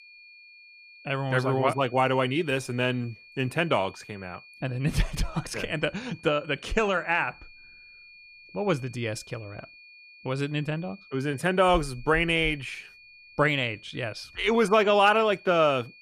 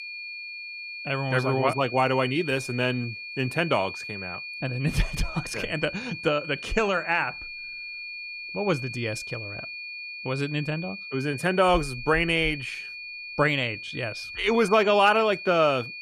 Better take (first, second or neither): first